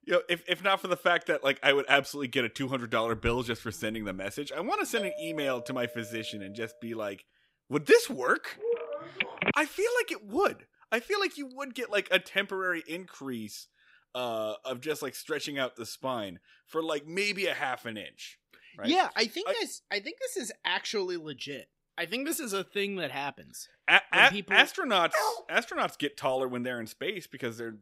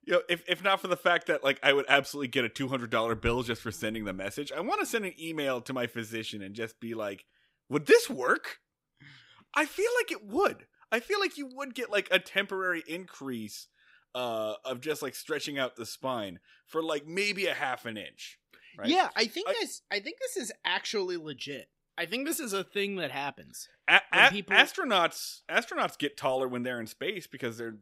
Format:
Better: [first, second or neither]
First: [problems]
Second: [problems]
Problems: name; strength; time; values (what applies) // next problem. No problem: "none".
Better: second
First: doorbell; noticeable; from 5 to 6.5 s; peak 7 dB below the speech // phone ringing; loud; at 8.5 s; peak level with the speech // dog barking; noticeable; at 25 s; peak 1 dB below the speech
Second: none